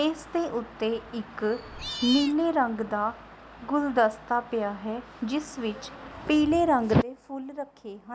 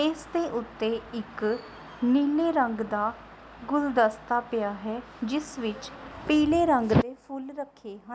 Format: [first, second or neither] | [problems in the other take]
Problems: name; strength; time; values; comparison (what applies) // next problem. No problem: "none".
second | background sound (Cat); 7 dB below the speech